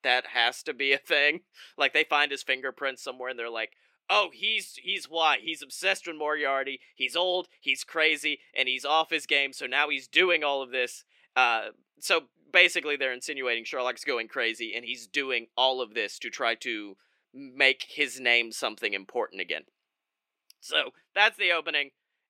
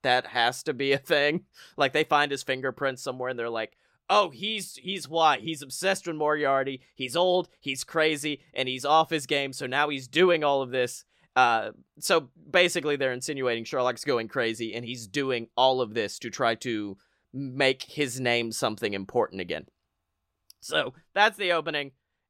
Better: second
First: thin; very slightly; fading below 300 Hz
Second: none

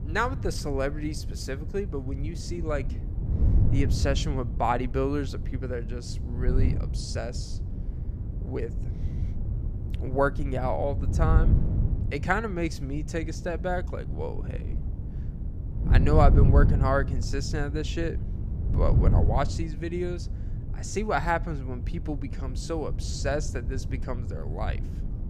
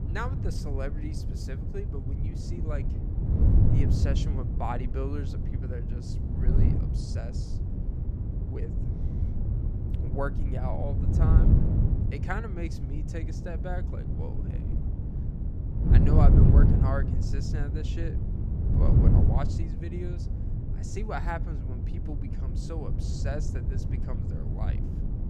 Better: first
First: wind noise on the microphone; occasional gusts; 10 dB below the speech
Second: wind noise on the microphone; heavy; 1 dB below the speech

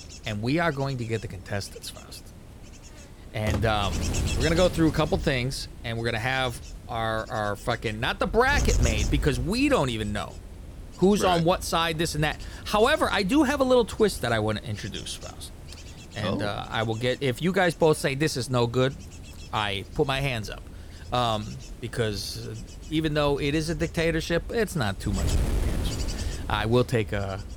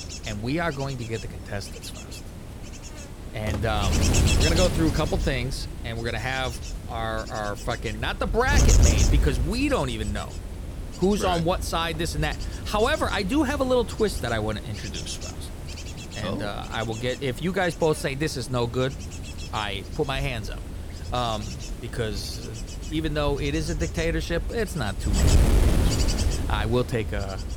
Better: first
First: wind noise on the microphone; occasional gusts; 15 dB below the speech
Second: wind noise on the microphone; heavy; 7 dB below the speech

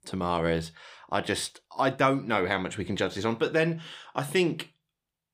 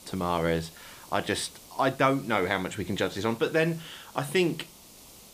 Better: first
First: none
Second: hiss; faint; throughout; 20 dB below the speech

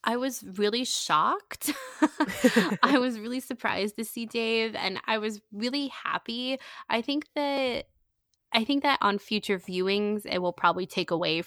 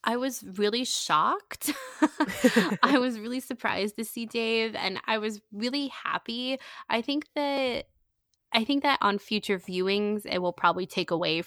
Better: neither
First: none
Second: none

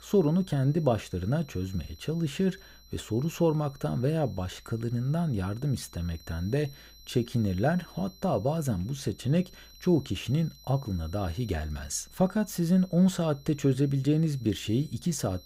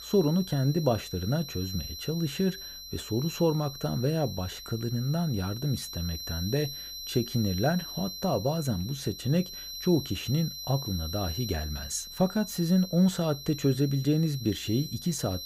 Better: first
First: high-pitched whine; faint; throughout; 4 kHz, 25 dB below the speech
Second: high-pitched whine; loud; throughout; 4 kHz, 9 dB below the speech

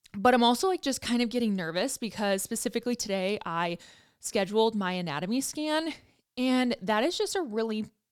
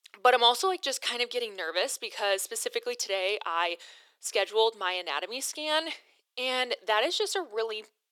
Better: first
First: none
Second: thin; very; fading below 400 Hz

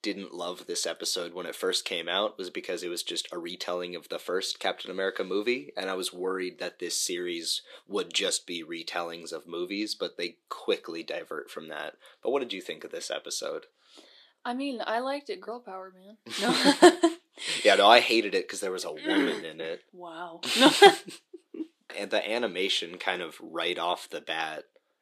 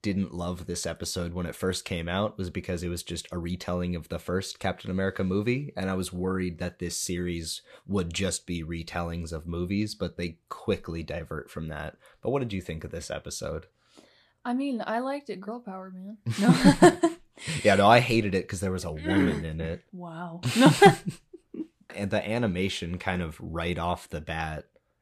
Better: second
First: thin; somewhat; fading below 300 Hz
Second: none

